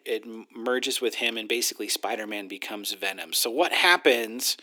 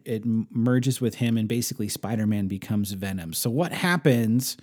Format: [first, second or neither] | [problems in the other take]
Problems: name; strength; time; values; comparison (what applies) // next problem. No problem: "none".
second | thin; very; fading below 350 Hz